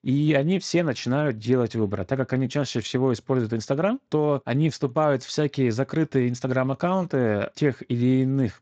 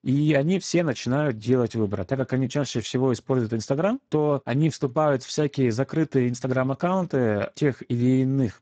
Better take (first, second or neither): first